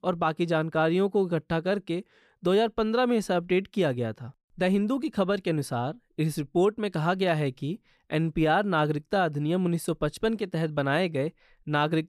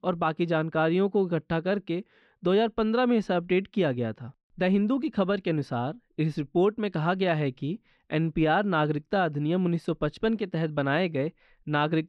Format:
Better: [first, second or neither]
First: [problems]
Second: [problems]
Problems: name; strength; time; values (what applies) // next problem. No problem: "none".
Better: first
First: none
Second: muffled; very slightly; fading above 3 kHz